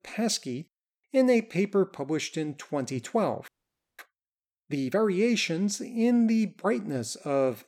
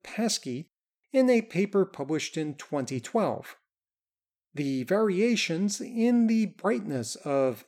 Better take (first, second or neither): second